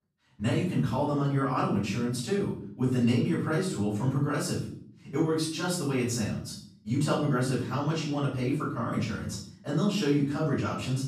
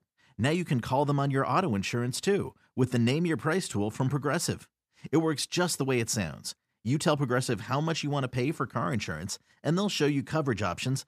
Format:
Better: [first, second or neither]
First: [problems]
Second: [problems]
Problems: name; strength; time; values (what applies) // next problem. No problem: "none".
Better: second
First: off-mic speech; far // room echo; noticeable; dies away in 0.6 s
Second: none